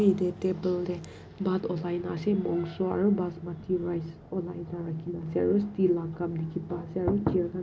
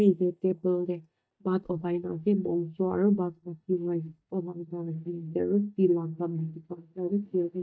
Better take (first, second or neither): first